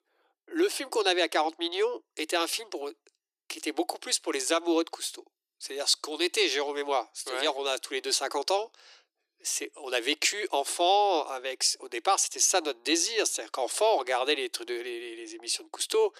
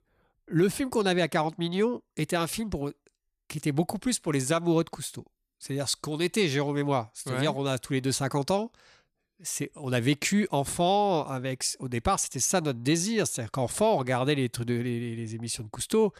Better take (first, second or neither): second